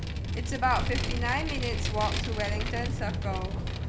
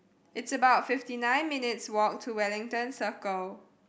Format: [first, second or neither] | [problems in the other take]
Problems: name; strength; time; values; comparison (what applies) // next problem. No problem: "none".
second | background sound (Vehicle); 3 dB above the speech